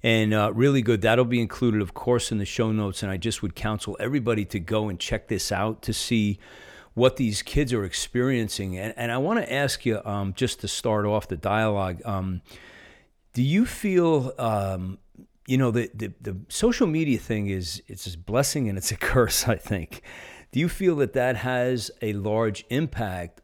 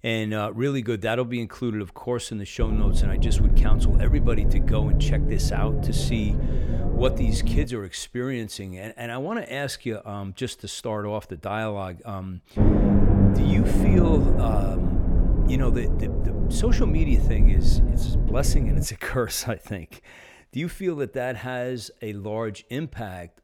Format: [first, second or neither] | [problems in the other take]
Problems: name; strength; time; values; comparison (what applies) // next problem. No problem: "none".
first | low rumble; loud; from 2.5 to 7.5 s and from 13 to 19 s; 2 dB below the speech